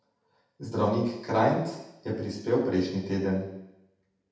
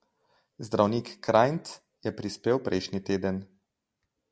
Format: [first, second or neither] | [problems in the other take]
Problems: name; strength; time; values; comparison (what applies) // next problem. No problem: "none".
second | room echo; dies away in 0.8 s